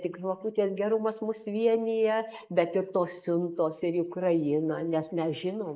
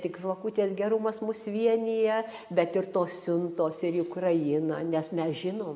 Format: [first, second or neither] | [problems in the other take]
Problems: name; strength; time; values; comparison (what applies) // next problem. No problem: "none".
second | noise reduction (neural mask model Resemble Enhance denoiser)